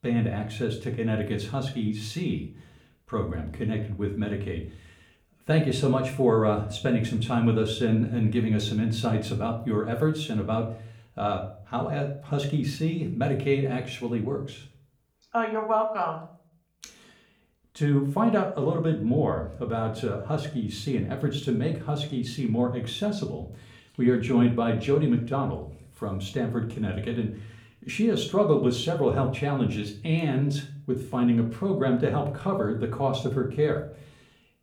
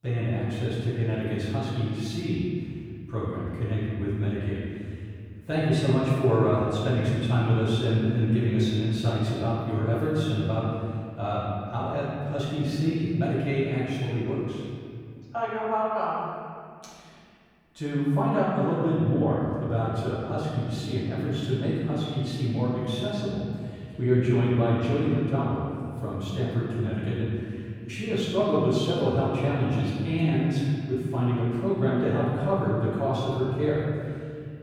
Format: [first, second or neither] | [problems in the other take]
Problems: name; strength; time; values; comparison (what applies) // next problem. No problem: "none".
first | room echo; strong; dies away in 2.3 s; slight in the first // off-mic speech; far; somewhat distant in the first